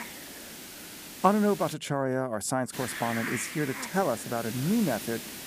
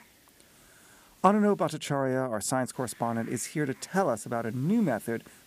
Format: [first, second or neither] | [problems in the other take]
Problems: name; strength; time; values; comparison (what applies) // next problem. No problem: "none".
second | hiss; loud; until 1.5 s and from 2.5 s on; 9 dB below the speech; faint in the second